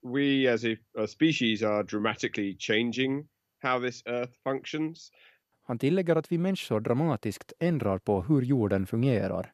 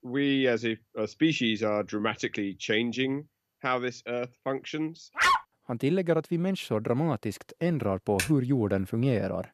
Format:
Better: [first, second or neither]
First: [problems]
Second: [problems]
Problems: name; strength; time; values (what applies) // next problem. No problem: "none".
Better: first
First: none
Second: dog barking; loud; at 5 s; peak 5 dB above the speech // keyboard typing; noticeable; at 8 s; peak 4 dB below the speech